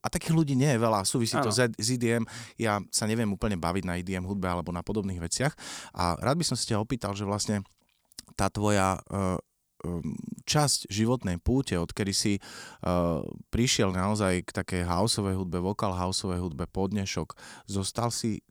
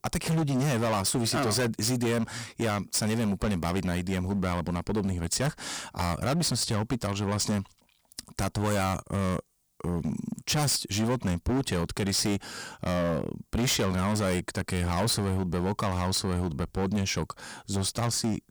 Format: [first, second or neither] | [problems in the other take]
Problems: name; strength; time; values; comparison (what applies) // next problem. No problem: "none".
first | distortion; heavy; 18% of the sound clipped